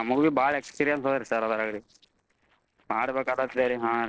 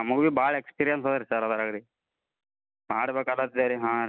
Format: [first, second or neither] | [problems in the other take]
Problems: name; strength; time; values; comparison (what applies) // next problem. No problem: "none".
second | noise reduction (neural separator model SepFormer DNS4)